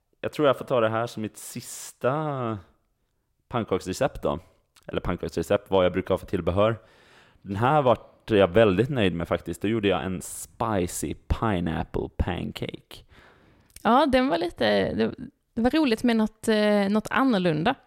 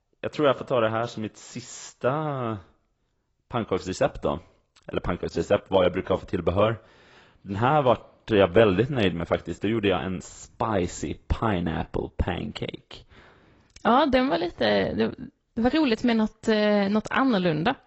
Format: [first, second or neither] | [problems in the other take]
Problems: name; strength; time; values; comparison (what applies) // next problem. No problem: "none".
first | garbled, watery; badly; nothing above 7.5 kHz